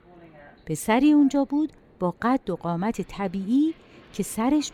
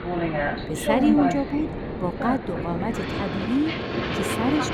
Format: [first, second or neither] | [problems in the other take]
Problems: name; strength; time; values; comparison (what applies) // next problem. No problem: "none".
first | train or aircraft noise; loud; throughout; 1 dB below the speech; faint in the first